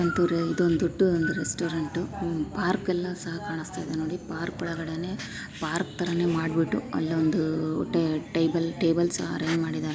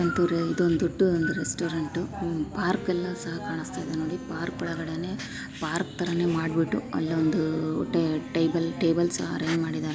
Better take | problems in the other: first | background sound (Wind instrument, woodwind instrument); 16 dB below the speech

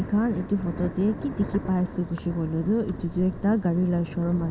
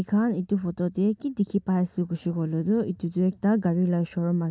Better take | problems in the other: second | background sound (Thunder); 10 dB below the speech

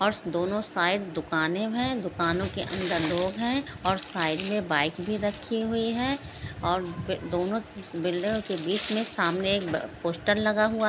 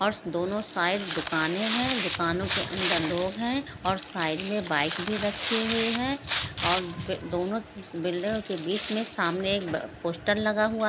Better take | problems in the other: first | background sound (Tearing); 6 dB below the speech

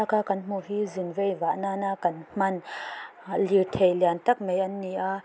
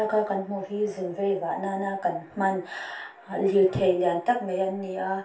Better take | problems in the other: first | room echo; dies away in 0.3 s

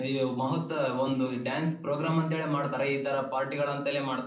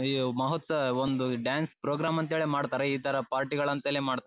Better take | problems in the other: second | room echo; dies away in 0.6 s

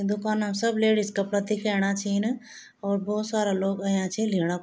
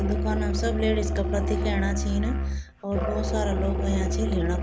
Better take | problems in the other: first | background sound (Musical instrument); 3 dB above the speech

